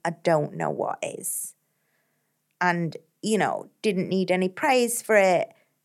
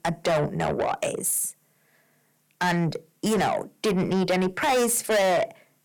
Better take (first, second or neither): first